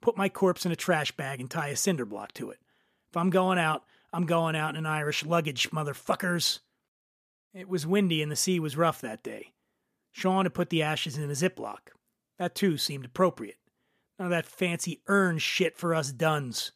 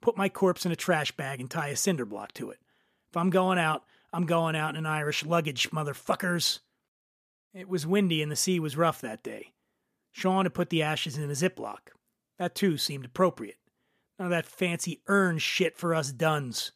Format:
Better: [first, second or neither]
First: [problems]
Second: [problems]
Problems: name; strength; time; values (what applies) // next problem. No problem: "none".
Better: neither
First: none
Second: none